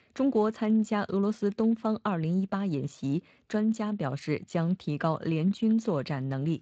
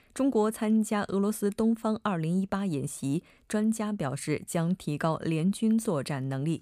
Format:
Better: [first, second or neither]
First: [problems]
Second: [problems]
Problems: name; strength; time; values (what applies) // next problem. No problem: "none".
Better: second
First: garbled, watery; slightly; nothing above 7.5 kHz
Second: none